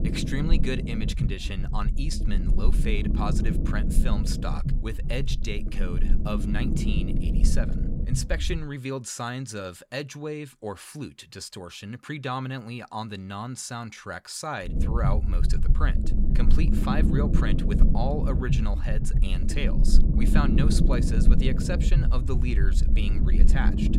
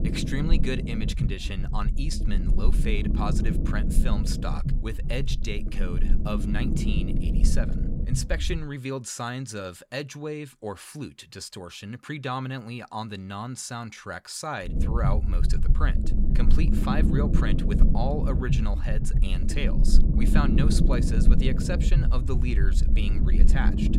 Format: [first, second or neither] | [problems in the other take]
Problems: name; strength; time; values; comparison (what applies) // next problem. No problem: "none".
neither | low rumble; loud; until 8.5 s and from 15 s on; 4 dB below the speech; the same in both